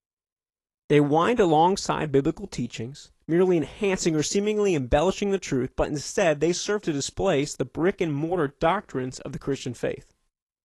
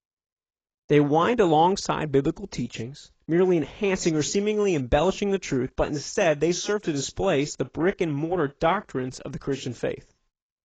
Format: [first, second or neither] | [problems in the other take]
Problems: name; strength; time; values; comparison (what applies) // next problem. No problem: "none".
first | garbled, watery; badly; nothing above 7.5 kHz; slightly in the first